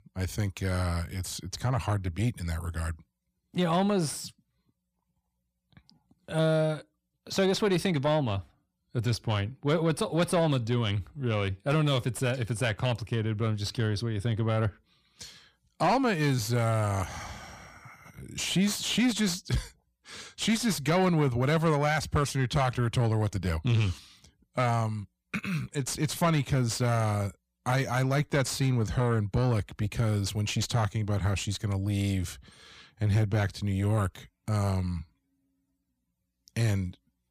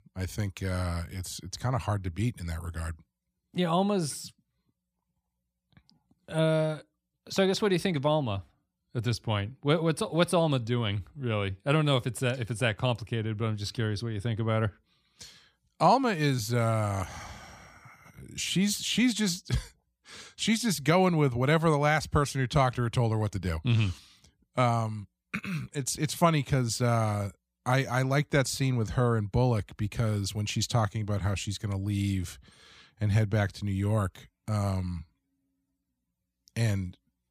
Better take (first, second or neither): second